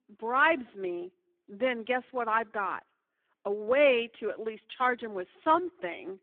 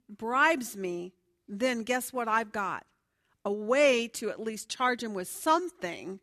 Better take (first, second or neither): second